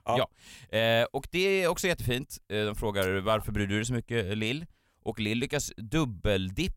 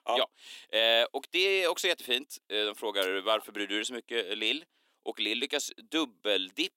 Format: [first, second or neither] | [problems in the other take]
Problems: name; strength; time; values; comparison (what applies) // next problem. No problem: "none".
first | thin; somewhat; fading below 300 Hz